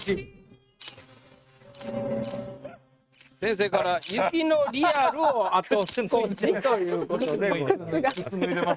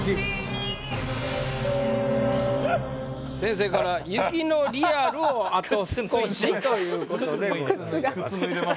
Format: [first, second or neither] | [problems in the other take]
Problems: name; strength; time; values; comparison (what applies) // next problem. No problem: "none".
second | noise reduction (neural mask model RNNoise)